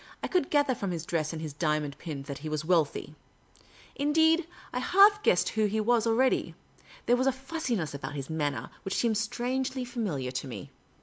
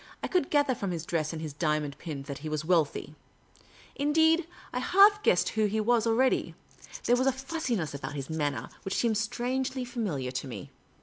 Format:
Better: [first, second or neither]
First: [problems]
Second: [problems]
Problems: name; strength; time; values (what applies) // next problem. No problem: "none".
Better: first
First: none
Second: background sound (Rattle / Rattle (instrument)); 20 dB below the speech